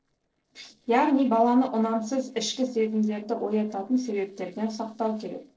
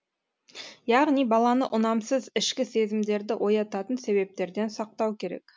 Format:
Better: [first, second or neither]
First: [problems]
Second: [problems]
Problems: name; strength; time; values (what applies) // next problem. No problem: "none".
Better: second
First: noise reduction (neural separator model SepFormer DNS4)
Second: none